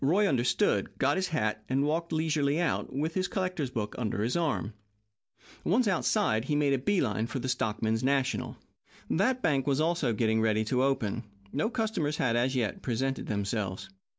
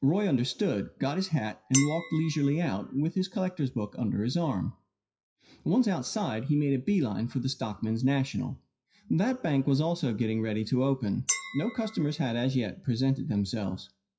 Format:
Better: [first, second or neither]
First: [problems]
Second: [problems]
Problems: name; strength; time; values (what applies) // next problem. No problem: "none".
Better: first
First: none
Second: noise reduction (classical method WPE with log-MMSE)